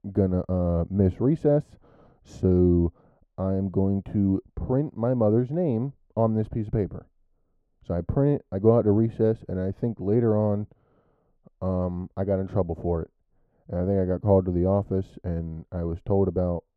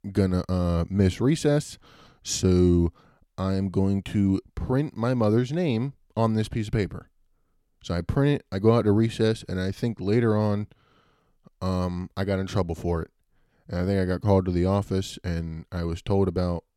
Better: second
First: muffled; very; fading above 1.5 kHz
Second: none

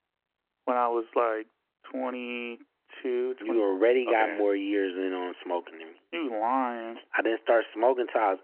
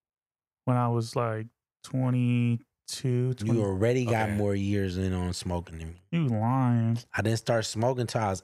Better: second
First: phone-call audio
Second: none

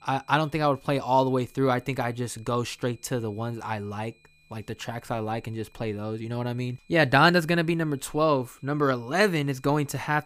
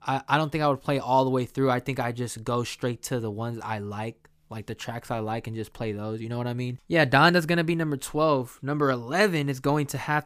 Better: second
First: high-pitched whine; faint; throughout; 2.5 kHz, 35 dB below the speech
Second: none

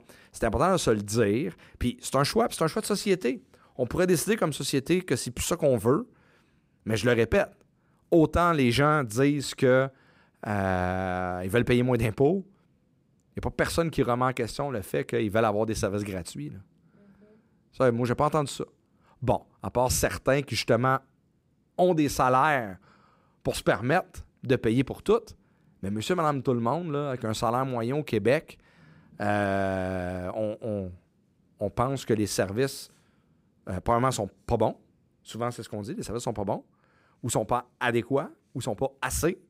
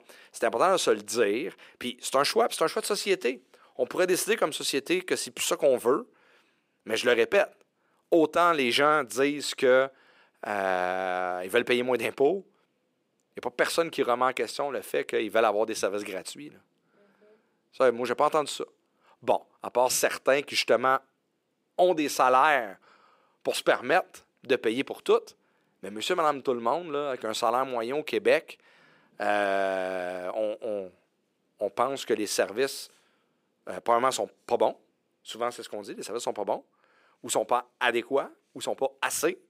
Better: first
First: none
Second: thin; somewhat; fading below 450 Hz

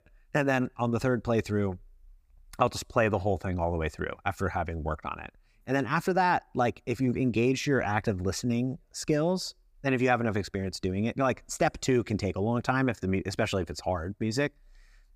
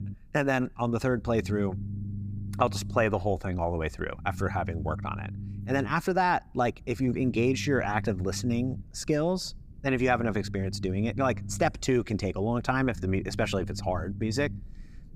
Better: first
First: none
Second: low rumble; faint; throughout; 20 dB below the speech

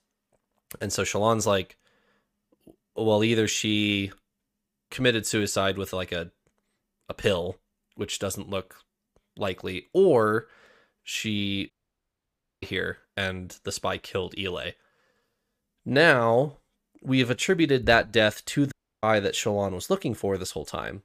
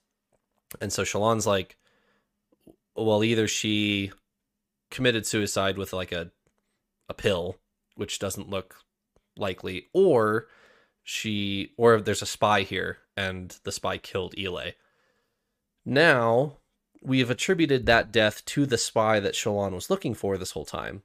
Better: second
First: audio cutting out; at 12 s for 1 s and at 19 s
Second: none

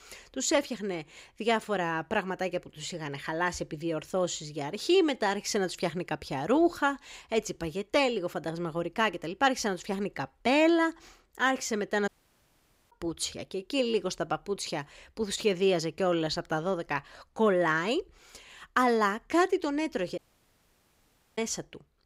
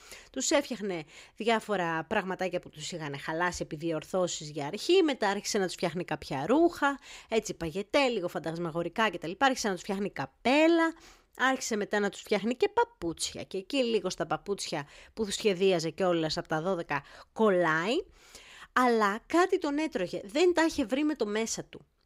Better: second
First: audio cutting out; at 12 s for 1 s and at 20 s for 1 s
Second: none

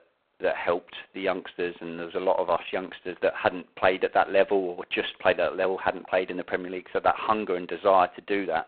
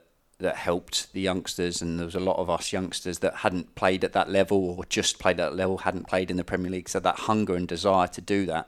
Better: second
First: phone-call audio; poor line; nothing above 4 kHz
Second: none

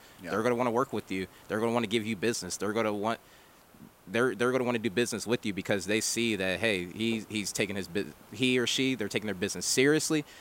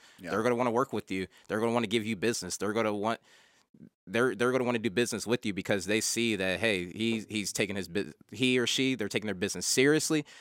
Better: second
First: hiss; faint; throughout; 25 dB below the speech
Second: none

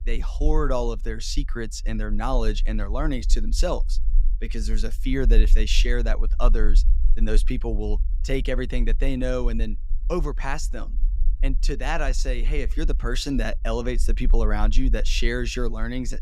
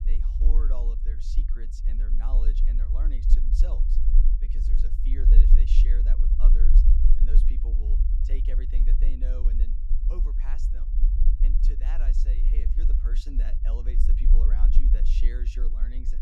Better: first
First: low rumble; faint; throughout; 25 dB below the speech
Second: low rumble; loud; throughout; 1 dB below the speech

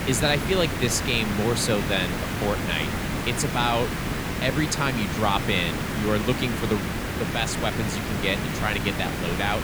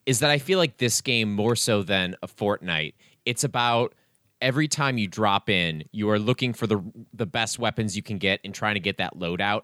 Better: second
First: hiss; loud; throughout; 2 dB below the speech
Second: none

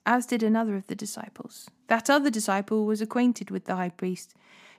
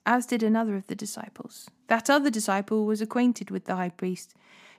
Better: neither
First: none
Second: none

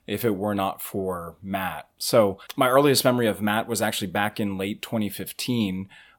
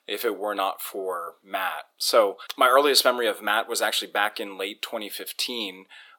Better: first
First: none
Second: thin; very; fading below 350 Hz

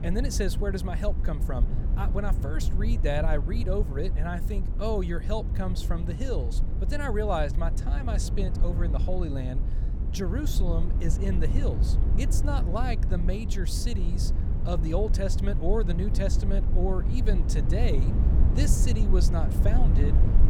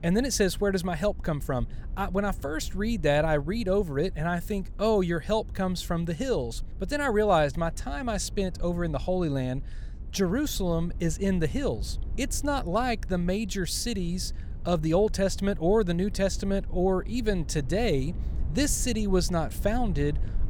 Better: second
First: low rumble; loud; throughout; 8 dB below the speech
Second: low rumble; faint; throughout; 25 dB below the speech

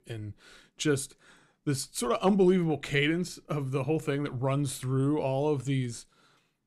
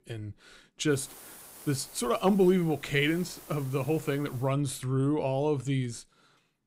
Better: first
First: none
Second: hiss; noticeable; from 1 to 4.5 s; 20 dB below the speech

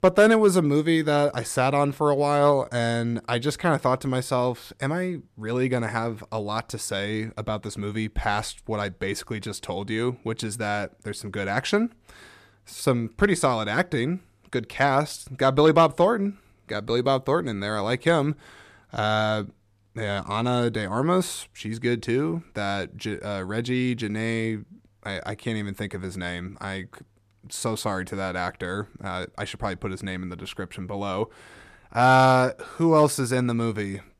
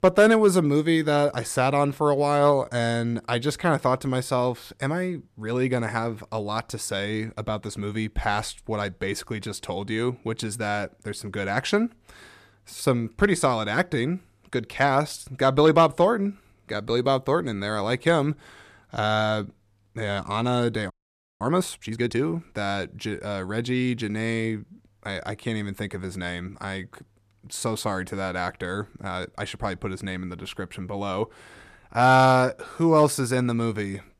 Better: first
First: none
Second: audio freezing; at 21 s for 0.5 s

